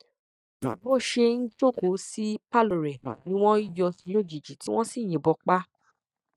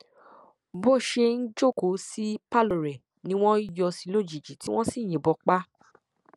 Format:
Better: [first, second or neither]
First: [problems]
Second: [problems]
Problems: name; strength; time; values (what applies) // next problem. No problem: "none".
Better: second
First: noise reduction (neural mask model DeepFilterNet 3)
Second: none